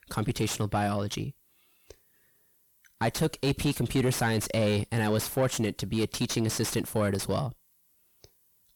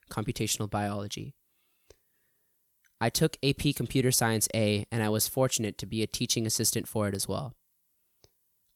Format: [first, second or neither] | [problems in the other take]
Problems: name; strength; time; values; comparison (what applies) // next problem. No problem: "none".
second | distortion; heavy; 6 dB below the speech